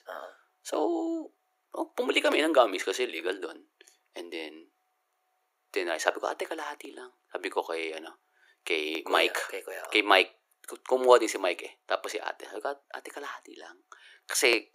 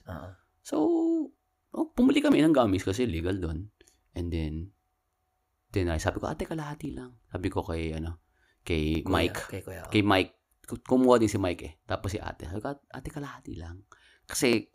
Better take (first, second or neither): second